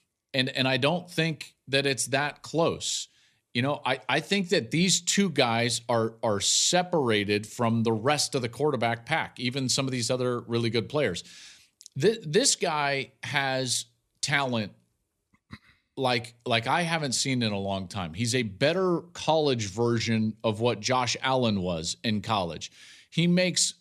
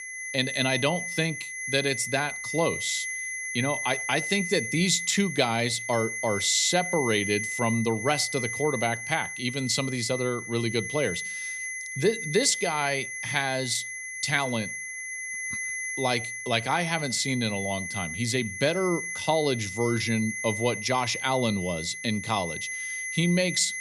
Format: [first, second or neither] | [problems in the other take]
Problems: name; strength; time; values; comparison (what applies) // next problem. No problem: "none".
first | high-pitched whine; loud; throughout; 2 kHz, 5 dB below the speech